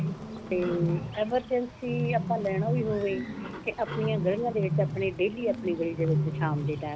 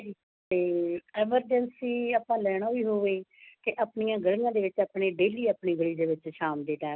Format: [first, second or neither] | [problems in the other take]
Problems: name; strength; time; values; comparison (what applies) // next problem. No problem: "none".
second | background sound (Bird); 2 dB below the speech